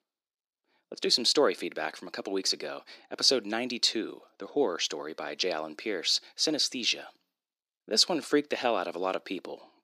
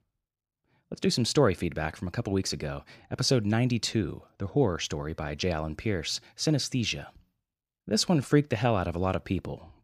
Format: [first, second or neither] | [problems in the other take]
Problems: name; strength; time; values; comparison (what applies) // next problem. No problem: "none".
second | thin; somewhat; fading below 300 Hz